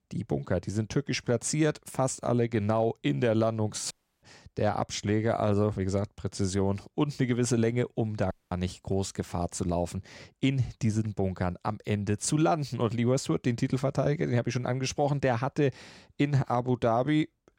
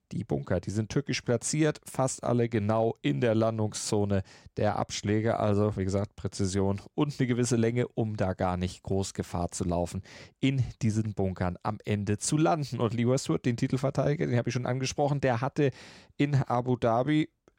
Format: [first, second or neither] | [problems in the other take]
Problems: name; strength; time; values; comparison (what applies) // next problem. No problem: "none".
second | audio cutting out; at 4 s and at 8.5 s